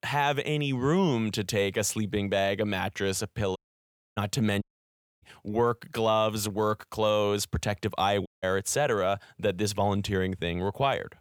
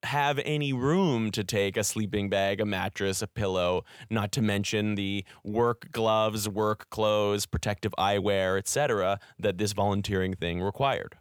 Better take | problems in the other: second | audio cutting out; at 3.5 s for 0.5 s, at 4.5 s for 0.5 s and at 8.5 s

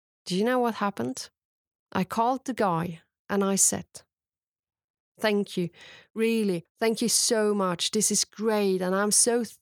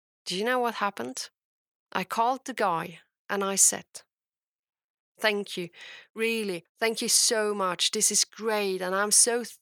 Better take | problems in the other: first | thin; somewhat; fading below 600 Hz

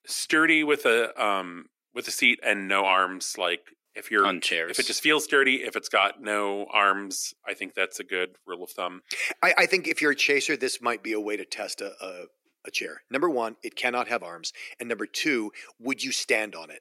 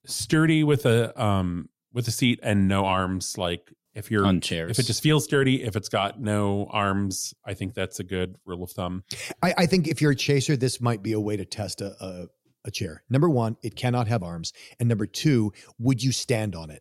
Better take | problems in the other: second | thin; very; fading below 300 Hz

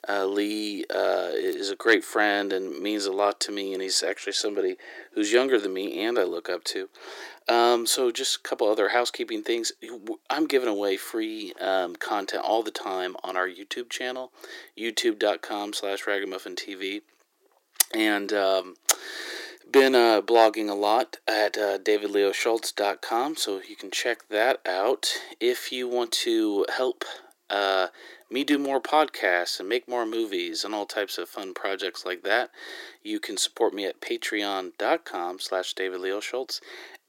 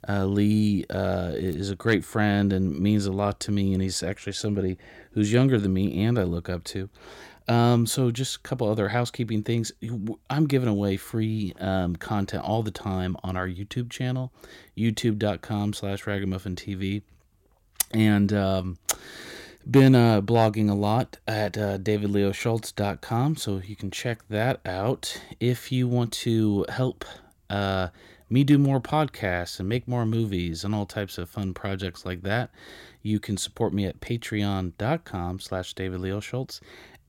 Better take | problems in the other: second | thin; very; fading below 350 Hz

